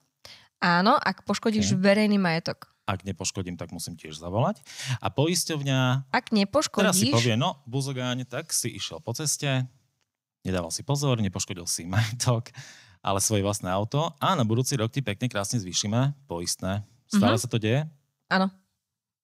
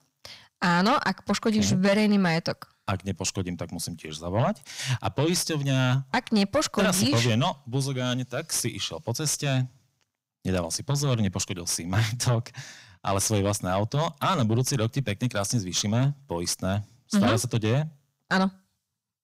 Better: first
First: none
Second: distortion; slight; 10 dB below the speech

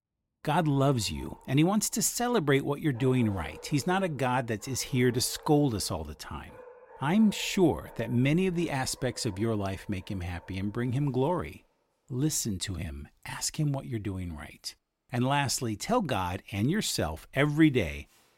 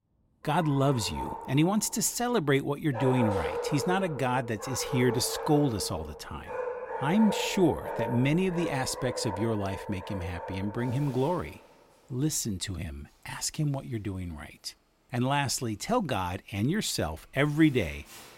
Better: first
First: animal sounds; faint; throughout; 25 dB below the speech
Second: animal sounds; loud; throughout; 8 dB below the speech

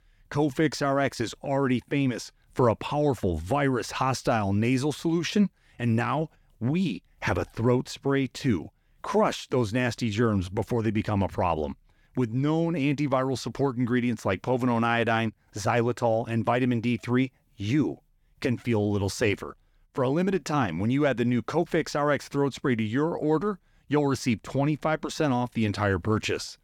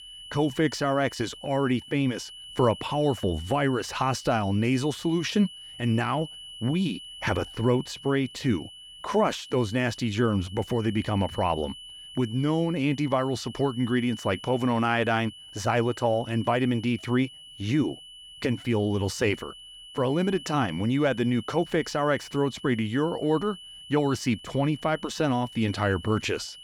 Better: first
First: none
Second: high-pitched whine; noticeable; throughout; 3 kHz, 15 dB below the speech

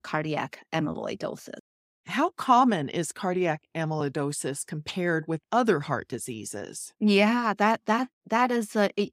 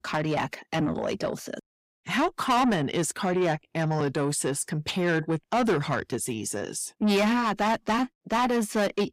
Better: first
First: none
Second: distortion; heavy; 7 dB below the speech

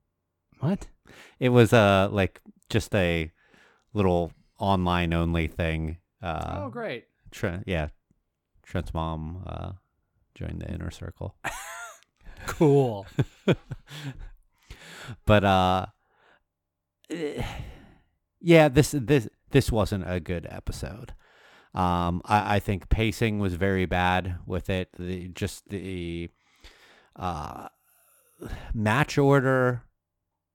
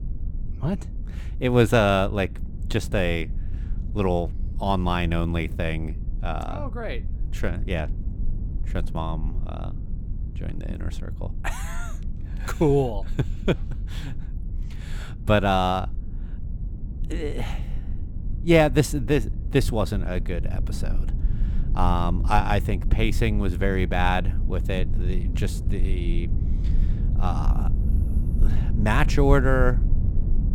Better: first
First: none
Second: low rumble; noticeable; throughout; 20 dB below the speech

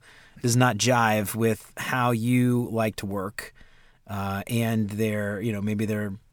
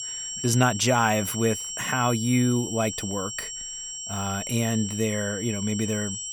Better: first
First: none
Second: high-pitched whine; loud; throughout; 7.5 kHz, 6 dB below the speech

